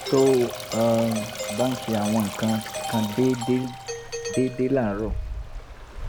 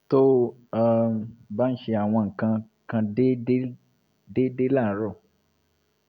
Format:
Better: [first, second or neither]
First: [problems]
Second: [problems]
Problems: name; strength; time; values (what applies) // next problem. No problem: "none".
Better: second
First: background sound (Doorbell + Stream); 8 dB below the speech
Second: none